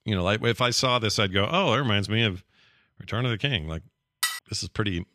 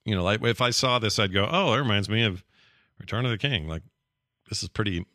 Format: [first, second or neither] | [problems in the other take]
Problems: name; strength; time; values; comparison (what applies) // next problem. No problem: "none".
second | clattering dishes; noticeable; at 4 s; peak 3 dB below the speech